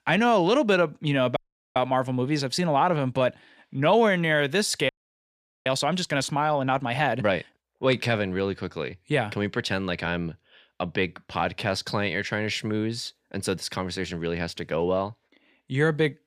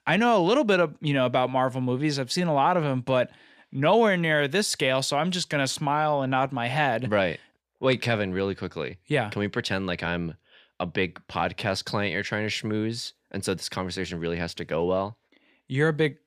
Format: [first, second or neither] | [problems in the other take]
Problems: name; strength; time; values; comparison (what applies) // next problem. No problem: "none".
second | audio freezing; at 1.5 s and at 5 s for 1 s